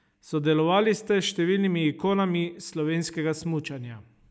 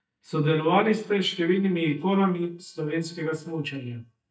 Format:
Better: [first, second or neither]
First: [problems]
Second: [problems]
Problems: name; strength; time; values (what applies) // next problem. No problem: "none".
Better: first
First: none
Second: noise reduction (neural mask model DeepFilterNet 3)